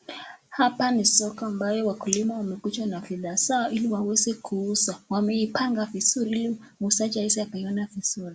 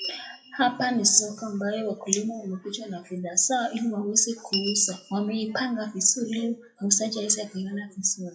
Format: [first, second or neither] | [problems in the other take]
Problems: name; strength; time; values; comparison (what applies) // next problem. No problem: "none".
first | noise reduction (classical method WPE with log-MMSE)